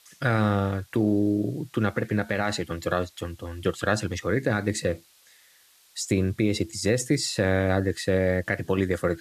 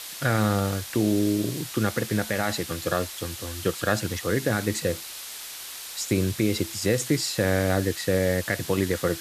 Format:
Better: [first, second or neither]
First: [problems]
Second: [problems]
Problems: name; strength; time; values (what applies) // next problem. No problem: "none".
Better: first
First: hiss; faint; throughout; 30 dB below the speech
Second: hiss; loud; throughout; 9 dB below the speech